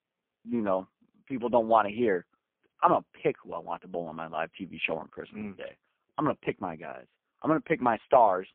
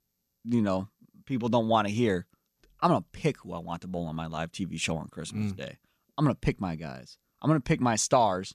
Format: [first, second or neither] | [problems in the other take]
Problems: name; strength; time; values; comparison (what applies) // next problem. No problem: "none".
second | phone-call audio; poor line